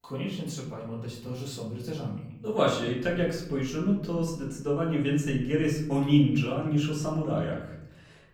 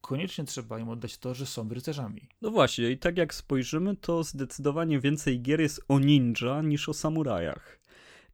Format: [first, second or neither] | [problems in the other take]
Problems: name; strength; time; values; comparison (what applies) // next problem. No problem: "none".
second | off-mic speech; far // room echo; noticeable; dies away in 0.9 s